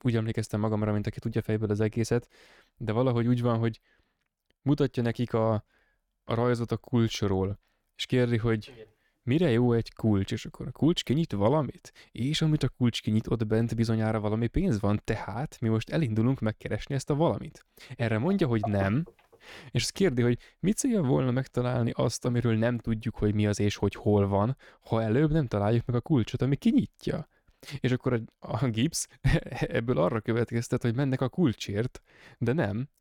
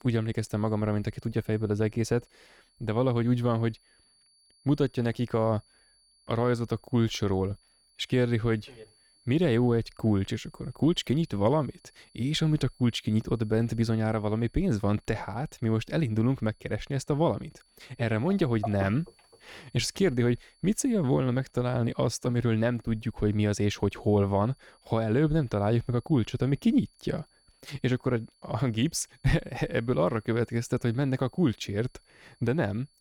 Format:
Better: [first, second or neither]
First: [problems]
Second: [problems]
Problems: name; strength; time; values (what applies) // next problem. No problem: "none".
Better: first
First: none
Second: high-pitched whine; faint; throughout; 4.5 kHz, 35 dB below the speech